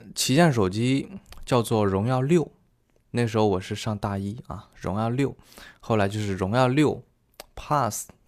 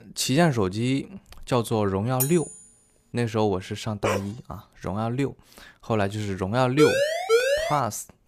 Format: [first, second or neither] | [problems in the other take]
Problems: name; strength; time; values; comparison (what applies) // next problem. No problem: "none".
first | clattering dishes; noticeable; at 2 s; peak 2 dB below the speech // dog barking; noticeable; at 4 s; peak 3 dB below the speech // siren; loud; from 7 to 8 s; peak 4 dB above the speech